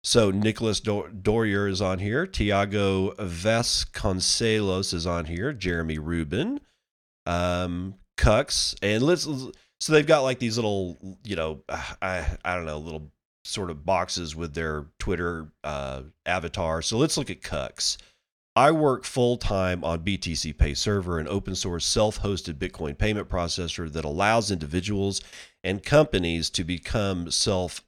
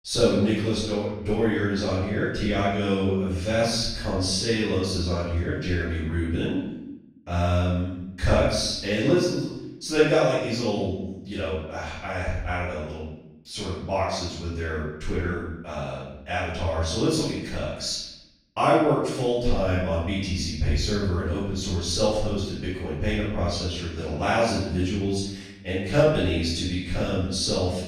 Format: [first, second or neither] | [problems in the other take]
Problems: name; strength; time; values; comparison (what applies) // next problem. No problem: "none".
first | room echo; strong; dies away in 0.8 s // off-mic speech; far